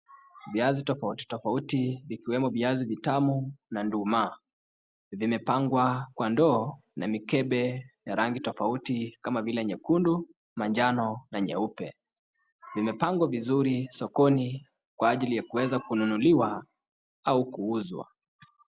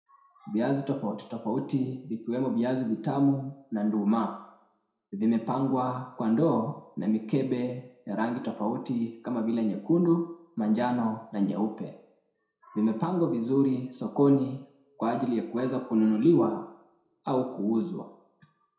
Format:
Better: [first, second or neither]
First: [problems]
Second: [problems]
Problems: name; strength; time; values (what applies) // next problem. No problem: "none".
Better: first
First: none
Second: room echo; dies away in 0.6 s